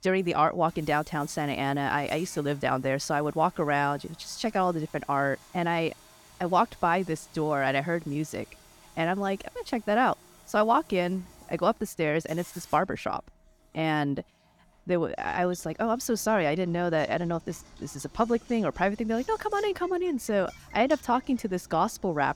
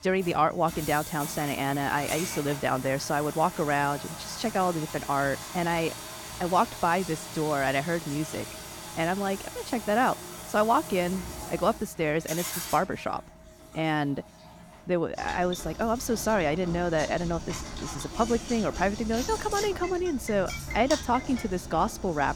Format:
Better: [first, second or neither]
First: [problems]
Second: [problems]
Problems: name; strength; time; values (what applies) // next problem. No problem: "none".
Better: first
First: household noises; faint; throughout; 25 dB below the speech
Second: household noises; loud; throughout; 9 dB below the speech